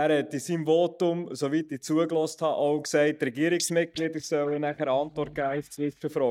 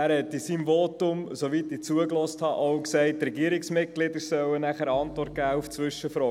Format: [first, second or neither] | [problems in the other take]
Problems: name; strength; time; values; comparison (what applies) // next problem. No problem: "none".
second | noise reduction (neural mask model DeepFilterNet 3)